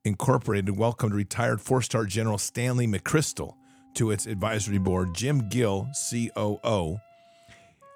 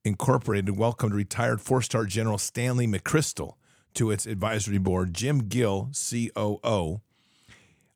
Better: second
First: background music; faint; throughout; 30 dB below the speech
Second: none

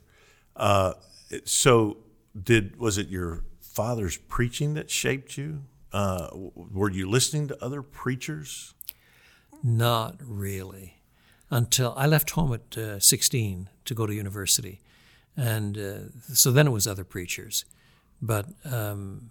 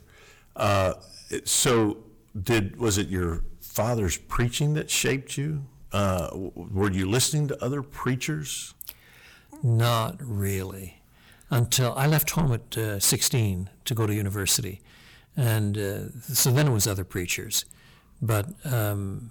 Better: first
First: none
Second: distortion; heavy; 7 dB below the speech

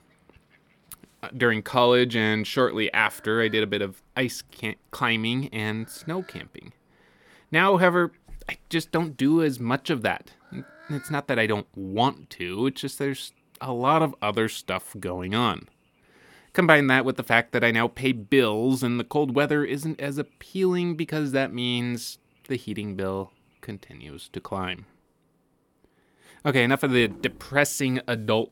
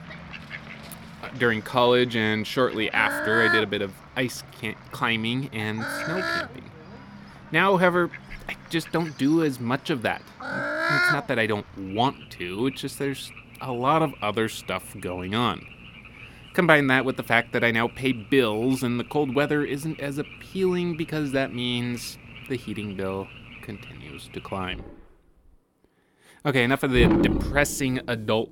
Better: first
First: animal sounds; faint; throughout; 30 dB below the speech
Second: animal sounds; loud; throughout; 6 dB below the speech

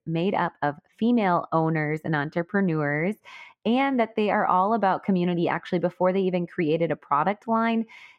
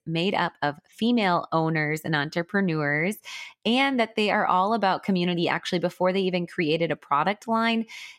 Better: second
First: muffled; slightly; fading above 3 kHz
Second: none

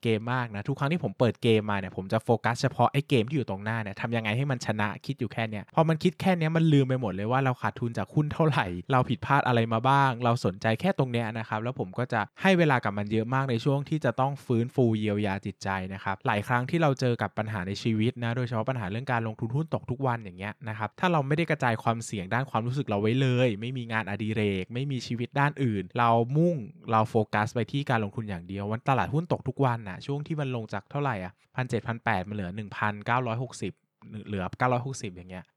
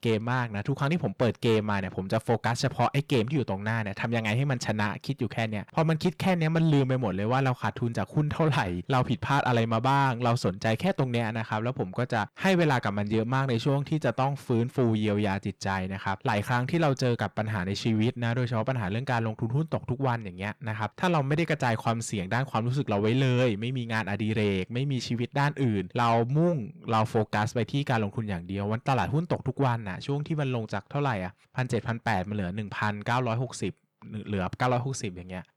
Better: first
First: none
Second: distortion; slight; 10 dB below the speech

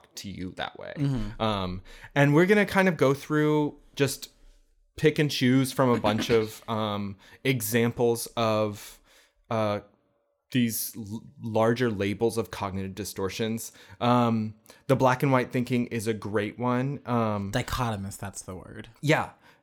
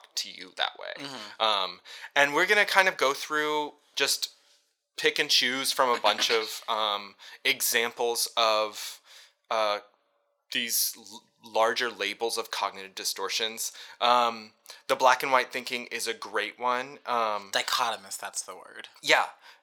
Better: first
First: none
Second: thin; very; fading below 800 Hz

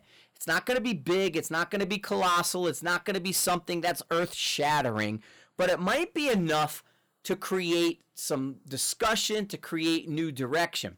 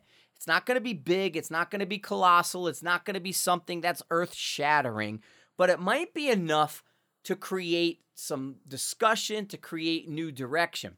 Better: second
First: distortion; heavy; 11% of the sound clipped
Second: none

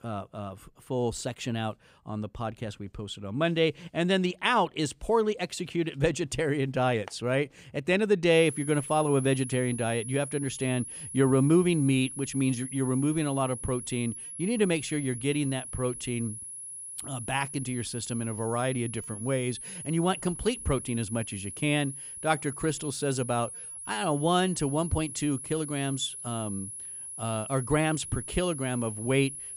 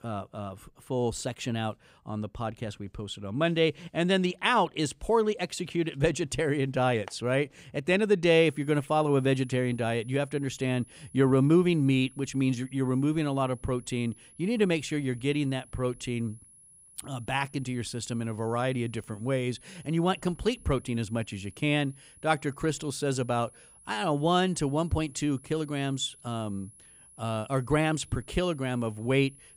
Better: second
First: high-pitched whine; loud; from 8.5 s on; 10.5 kHz, 9 dB below the speech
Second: high-pitched whine; faint; from 8.5 s on; 10.5 kHz, 25 dB below the speech

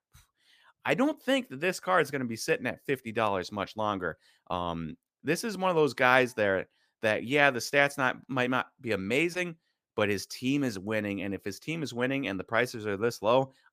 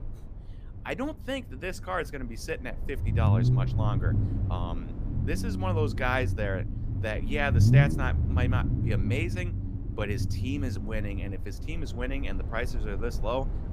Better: first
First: none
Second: low rumble; loud; throughout; 7 dB below the speech

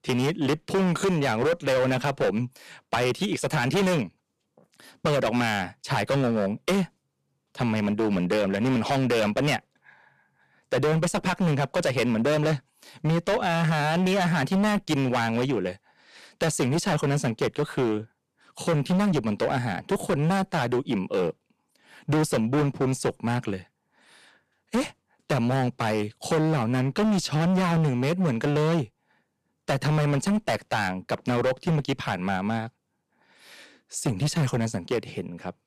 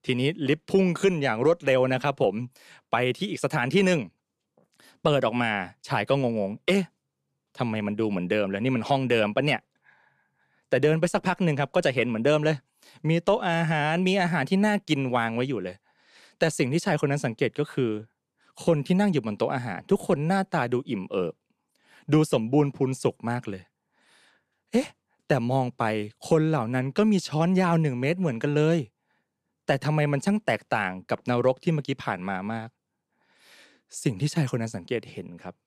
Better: second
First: distortion; heavy; 16% of the sound clipped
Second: none

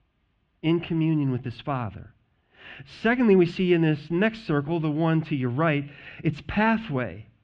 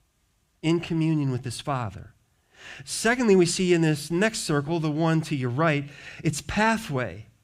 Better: second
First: muffled; very; fading above 3 kHz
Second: none

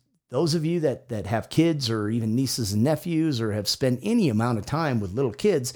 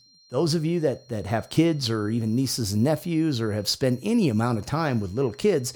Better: first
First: none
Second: high-pitched whine; faint; throughout; 4 kHz, 30 dB below the speech

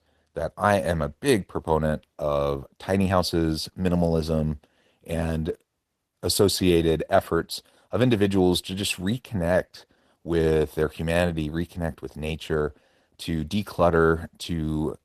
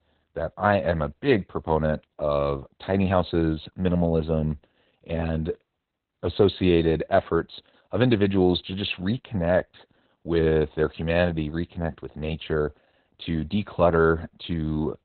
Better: first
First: garbled, watery; slightly; nothing above 13.5 kHz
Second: garbled, watery; badly; nothing above 4 kHz

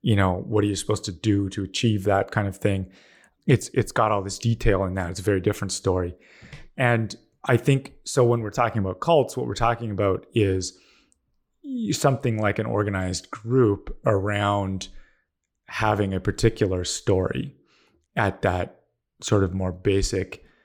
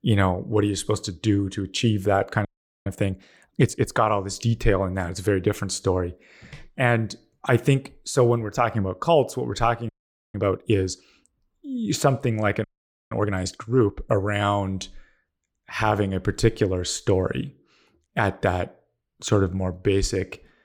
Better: first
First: none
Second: audio freezing; at 2.5 s, at 10 s and at 13 s

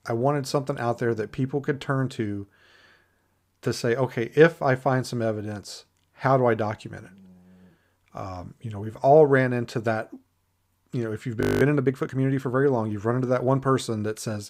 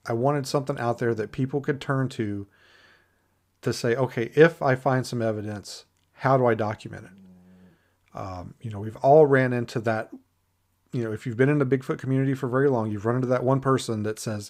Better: second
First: audio freezing; at 11 s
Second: none

